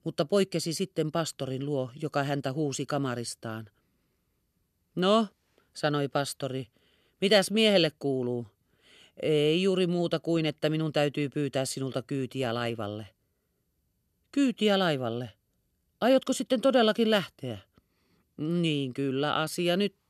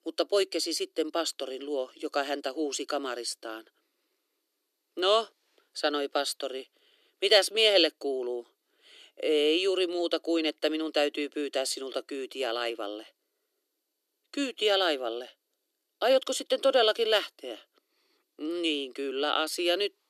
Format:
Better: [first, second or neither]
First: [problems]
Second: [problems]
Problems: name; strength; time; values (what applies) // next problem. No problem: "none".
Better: first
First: none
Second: thin; somewhat; fading below 300 Hz